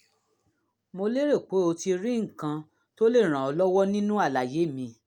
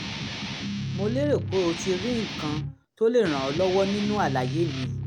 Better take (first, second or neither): first